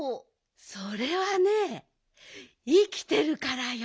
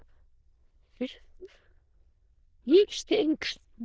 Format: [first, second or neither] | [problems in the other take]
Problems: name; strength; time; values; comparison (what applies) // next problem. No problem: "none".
first | noise reduction (neural diffusion model UNIVERSE++)